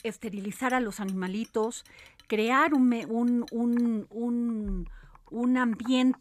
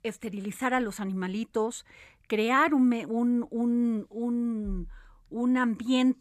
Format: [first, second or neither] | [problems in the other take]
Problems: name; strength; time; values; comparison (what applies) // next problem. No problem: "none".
second | household noises; faint; throughout; 25 dB below the speech